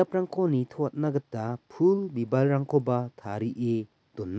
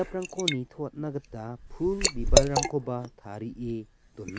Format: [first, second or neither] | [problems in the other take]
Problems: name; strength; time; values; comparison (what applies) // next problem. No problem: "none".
first | background sound (Liquid); 3 dB above the speech